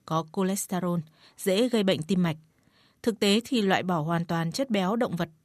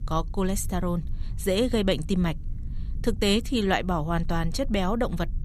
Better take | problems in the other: first | low rumble; faint; throughout; 25 dB below the speech

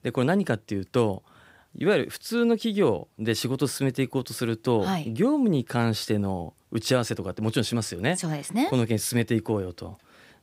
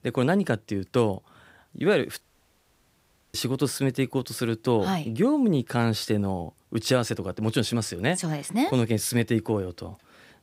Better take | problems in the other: first | audio cutting out; at 2 s for 1 s

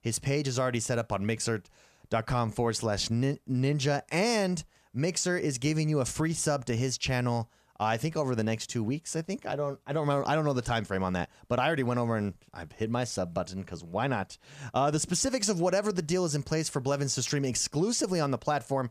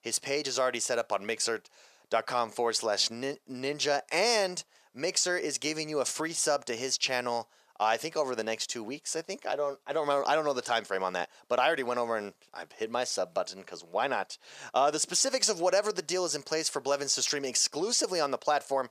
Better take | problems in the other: first | thin; very; fading below 500 Hz

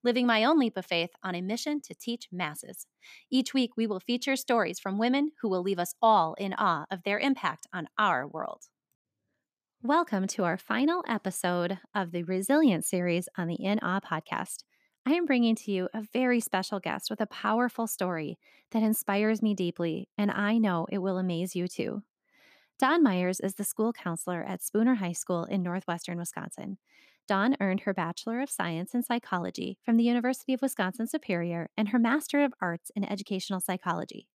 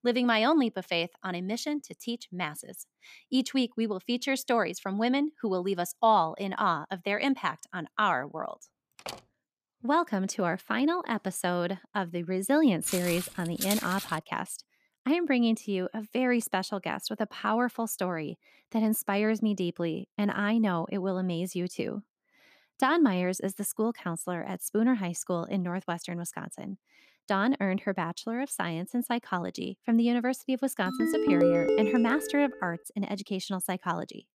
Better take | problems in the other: first | door banging; faint; at 9 s; peak 10 dB below the speech // footsteps; noticeable; from 13 to 14 s; peak 3 dB below the speech // phone ringing; loud; from 31 to 32 s; peak 6 dB above the speech

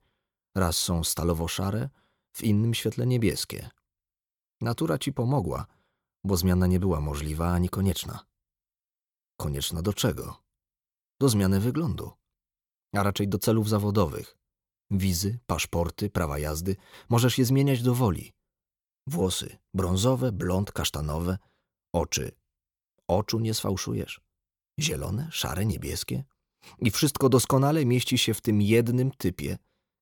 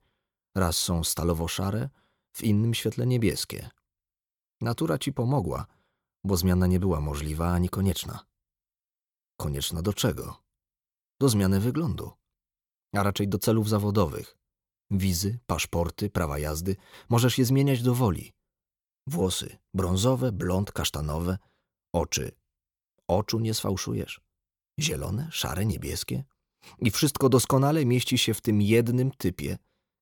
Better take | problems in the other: neither | none

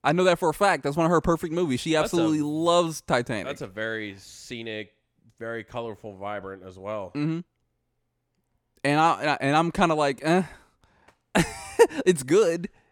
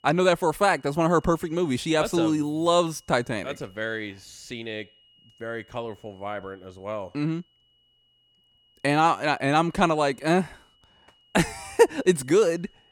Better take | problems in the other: first | high-pitched whine; faint; throughout; 3 kHz, 35 dB below the speech

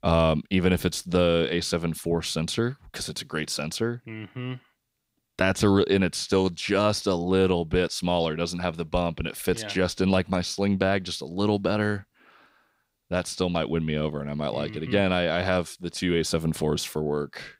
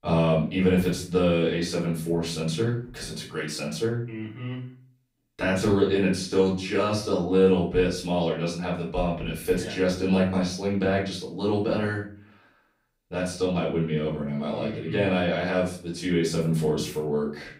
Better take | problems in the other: first | off-mic speech; far // room echo; slight; dies away in 0.4 s

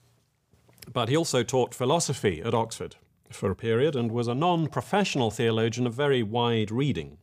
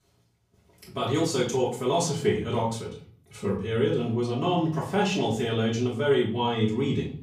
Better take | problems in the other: first | room echo; slight; dies away in 0.4 s // off-mic speech; far

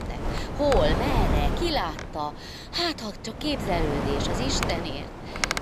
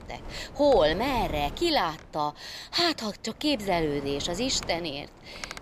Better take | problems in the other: second | wind noise on the microphone; heavy; 3 dB below the speech; occasional gusts in the second

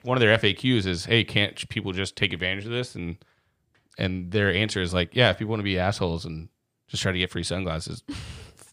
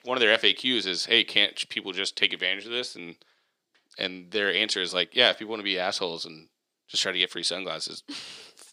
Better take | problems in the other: first | thin; somewhat; fading below 300 Hz

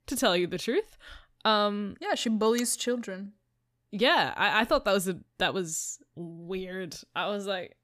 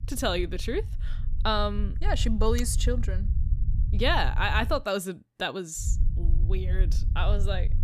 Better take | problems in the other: first | low rumble; noticeable; until 5 s and from 6 s on; 20 dB below the speech

